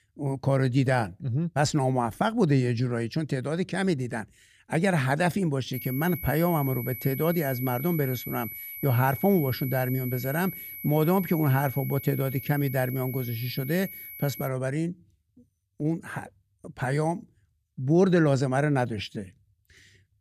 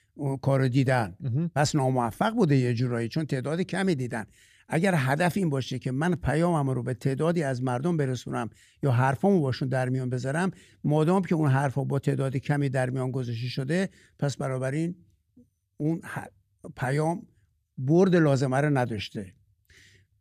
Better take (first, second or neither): second